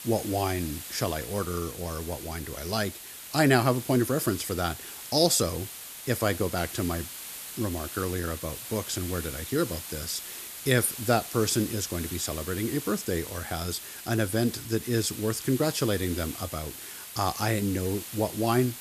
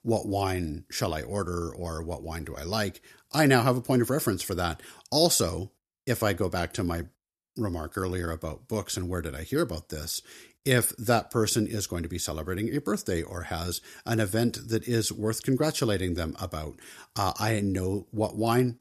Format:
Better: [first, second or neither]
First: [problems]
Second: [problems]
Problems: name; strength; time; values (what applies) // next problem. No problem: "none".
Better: second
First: hiss; loud; throughout; 9 dB below the speech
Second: none